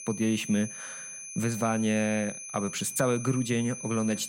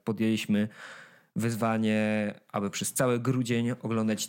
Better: second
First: high-pitched whine; loud; throughout; 6 kHz, 9 dB below the speech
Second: none

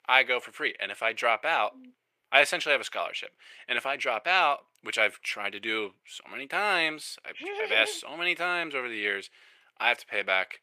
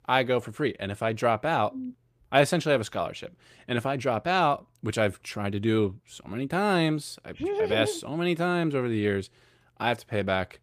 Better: second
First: thin; very; fading below 600 Hz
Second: none

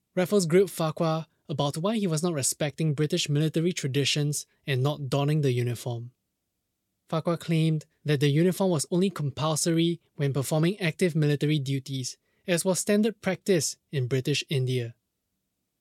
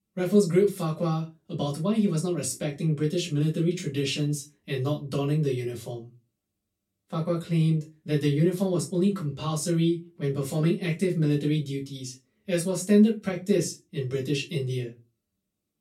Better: first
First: none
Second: off-mic speech; far // room echo; very slight; dies away in 0.2 s

